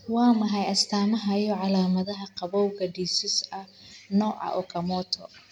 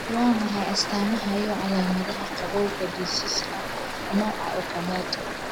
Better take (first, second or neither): first